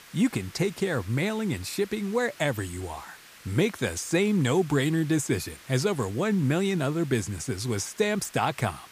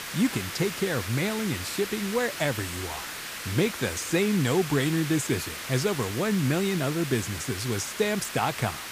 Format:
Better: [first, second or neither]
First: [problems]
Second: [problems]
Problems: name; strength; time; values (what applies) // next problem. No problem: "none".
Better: first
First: hiss; faint; throughout; 20 dB below the speech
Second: hiss; loud; throughout; 7 dB below the speech